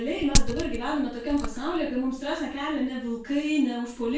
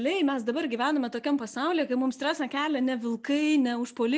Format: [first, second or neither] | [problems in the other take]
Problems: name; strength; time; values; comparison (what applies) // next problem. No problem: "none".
second | background sound (Glass); 2 dB below the speech // room echo; dies away in 0.4 s